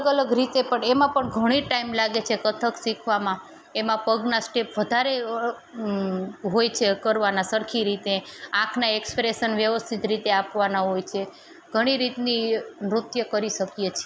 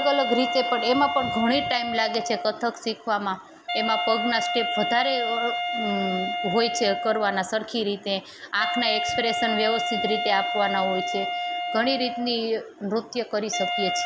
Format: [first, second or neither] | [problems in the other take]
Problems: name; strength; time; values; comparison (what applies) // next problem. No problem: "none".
first | background sound (Wind instrument, woodwind instrument); 3 dB below the speech